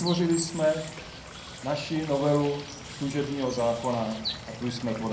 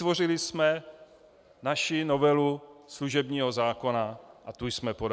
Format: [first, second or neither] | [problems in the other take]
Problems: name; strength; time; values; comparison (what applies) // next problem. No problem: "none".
second | background sound (Water / Bird); 11 dB below the speech // room echo; dies away in 0.5 s